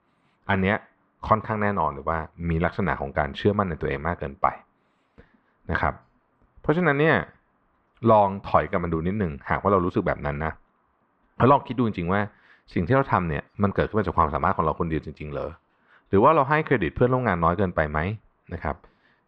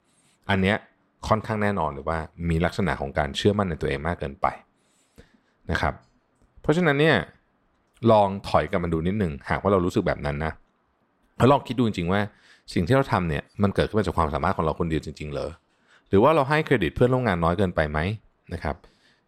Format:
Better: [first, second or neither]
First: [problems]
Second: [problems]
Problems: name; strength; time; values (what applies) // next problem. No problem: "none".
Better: second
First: muffled; slightly; fading above 2 kHz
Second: none